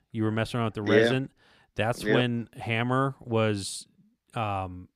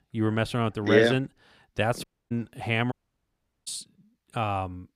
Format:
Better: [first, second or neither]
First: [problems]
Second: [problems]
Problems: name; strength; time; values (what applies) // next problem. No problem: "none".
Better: first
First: none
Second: audio cutting out; at 2 s and at 3 s for 0.5 s